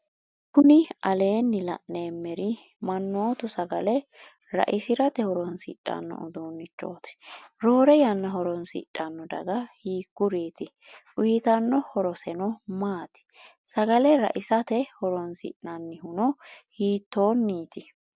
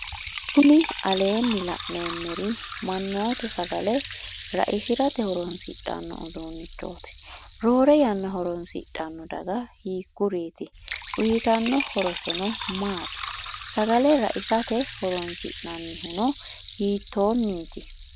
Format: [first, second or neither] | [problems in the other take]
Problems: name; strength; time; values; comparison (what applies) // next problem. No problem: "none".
first | background sound (Liquid); 11 dB below the speech